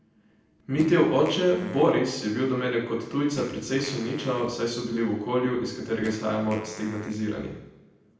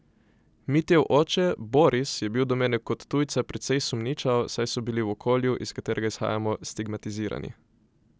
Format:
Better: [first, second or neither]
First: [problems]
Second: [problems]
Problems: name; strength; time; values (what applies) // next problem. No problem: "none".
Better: second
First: background sound (Fart); 19 dB below the speech // room echo; dies away in 0.9 s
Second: none